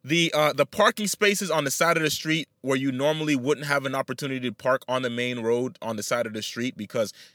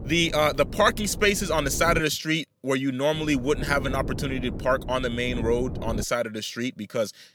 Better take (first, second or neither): first